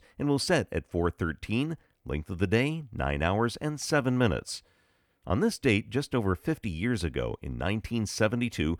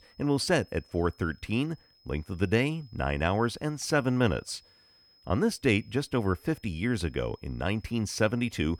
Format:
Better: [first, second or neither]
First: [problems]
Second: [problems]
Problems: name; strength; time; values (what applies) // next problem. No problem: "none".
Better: first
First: none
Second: high-pitched whine; faint; throughout; 5 kHz, 30 dB below the speech